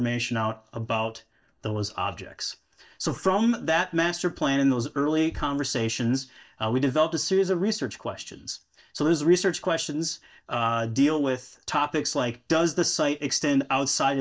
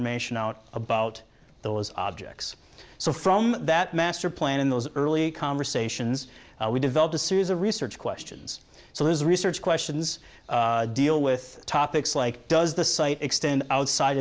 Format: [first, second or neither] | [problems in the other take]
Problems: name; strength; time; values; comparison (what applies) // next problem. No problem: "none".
second | noise reduction (neural mask model DeepFilterNet 3)